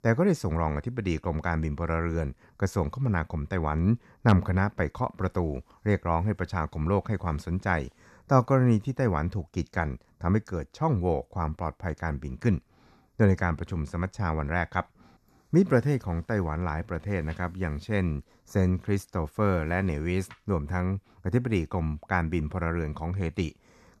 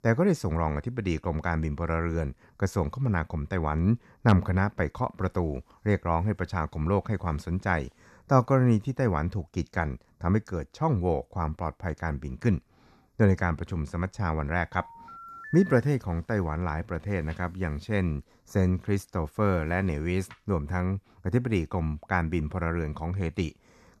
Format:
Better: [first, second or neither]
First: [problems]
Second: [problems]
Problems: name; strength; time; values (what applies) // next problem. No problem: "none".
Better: first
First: none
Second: phone ringing; faint; from 15 to 16 s; peak 10 dB below the speech